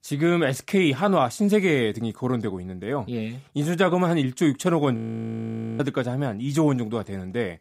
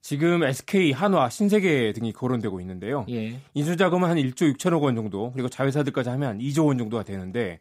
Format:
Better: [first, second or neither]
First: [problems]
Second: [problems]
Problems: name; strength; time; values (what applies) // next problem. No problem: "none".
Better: second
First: audio freezing; at 5 s for 1 s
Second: none